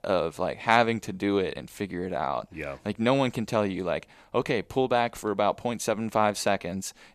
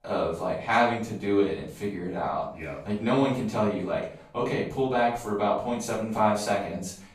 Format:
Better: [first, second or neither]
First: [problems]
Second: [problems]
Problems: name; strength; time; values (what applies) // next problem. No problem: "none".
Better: first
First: none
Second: off-mic speech; far // room echo; noticeable; dies away in 0.5 s